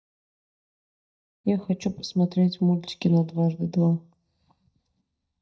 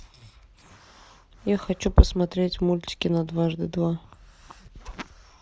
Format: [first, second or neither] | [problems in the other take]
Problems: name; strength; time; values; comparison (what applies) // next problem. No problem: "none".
second | noise reduction (neural mask model DeepFilterNet 3)